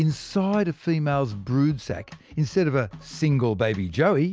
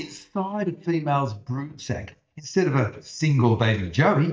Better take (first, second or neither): first